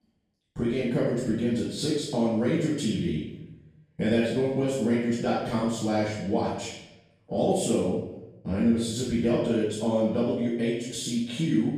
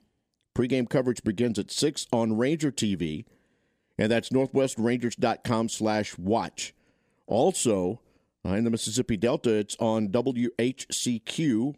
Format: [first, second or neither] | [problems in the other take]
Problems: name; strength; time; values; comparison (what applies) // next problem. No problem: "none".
second | off-mic speech; far // room echo; strong; dies away in 0.8 s